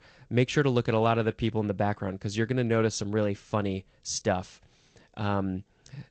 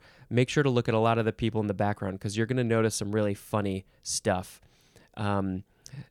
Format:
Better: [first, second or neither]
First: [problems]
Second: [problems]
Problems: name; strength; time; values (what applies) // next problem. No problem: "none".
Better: second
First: garbled, watery; slightly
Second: none